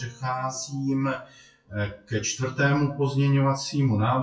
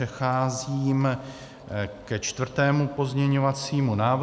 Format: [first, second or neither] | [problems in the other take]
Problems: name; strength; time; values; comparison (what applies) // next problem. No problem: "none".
second | noise reduction (classical method WPE with log-MMSE)